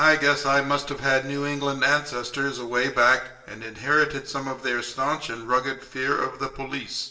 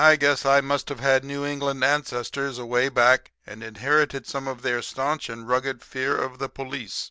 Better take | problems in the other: second | room echo; dies away in 1.3 s

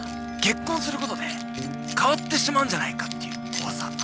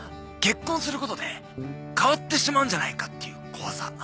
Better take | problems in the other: second | background sound (Wind instrument, woodwind instrument + Keys jangling); 5 dB below the speech

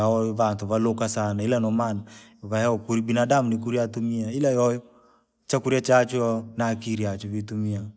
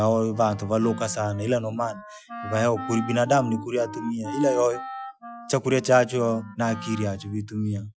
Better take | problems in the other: first | noise reduction (classical method Wiener filter)

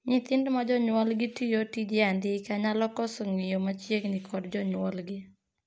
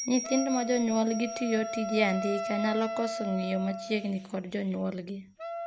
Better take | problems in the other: first | background sound (Bell + Wind instrument, woodwind instrument); 7 dB below the speech

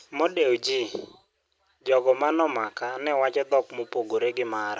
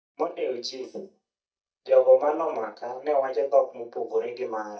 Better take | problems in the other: first | noise reduction (neural mask model DeepFilterNet 3)

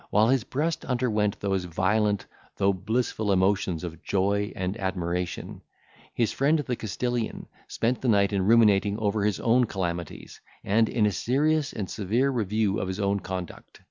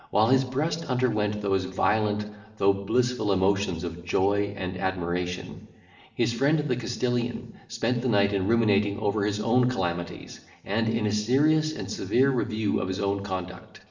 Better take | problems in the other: first | room echo; dies away in 1.3 s

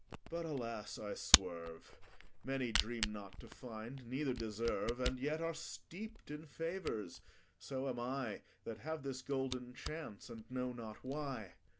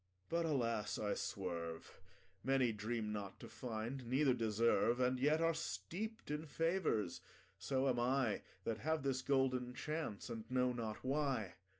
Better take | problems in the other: second | background sound (Camera); 2 dB below the speech

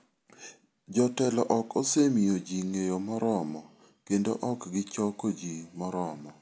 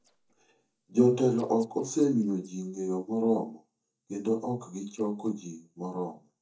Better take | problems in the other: first | noise reduction (neural mask model DeepFilterNet 3)

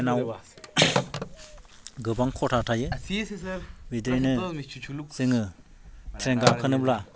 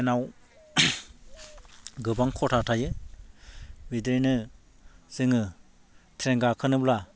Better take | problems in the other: second | background sound (Telephone); 5 dB below the speech

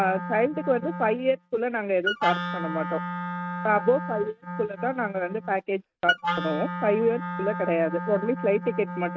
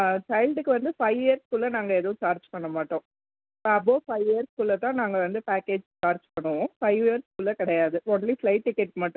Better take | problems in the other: second | noise reduction (neural mask model RNNoise)

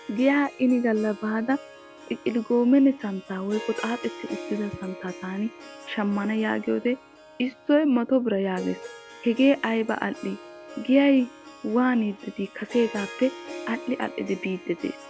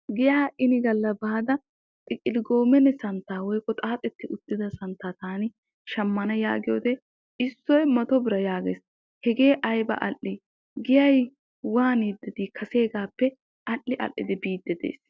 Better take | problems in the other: second | background sound (Harp); 17 dB below the speech

